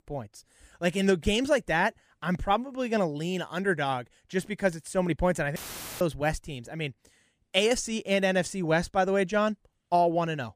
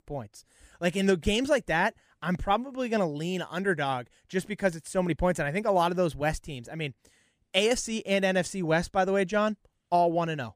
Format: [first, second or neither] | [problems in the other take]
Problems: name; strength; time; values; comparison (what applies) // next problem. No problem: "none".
second | audio cutting out; filled with static; at 5.5 s